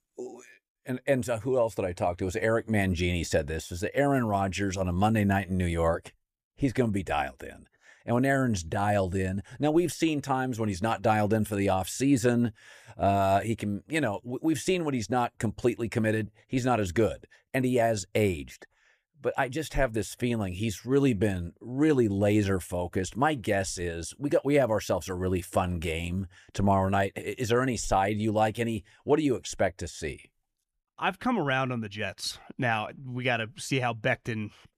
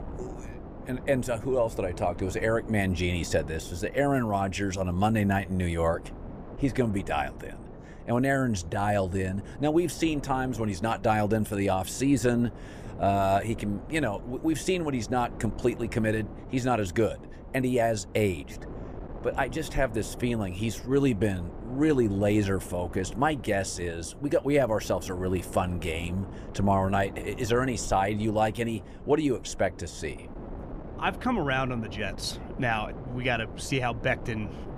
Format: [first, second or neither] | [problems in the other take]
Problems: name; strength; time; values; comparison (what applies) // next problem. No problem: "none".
first | wind noise on the microphone; occasional gusts; 15 dB below the speech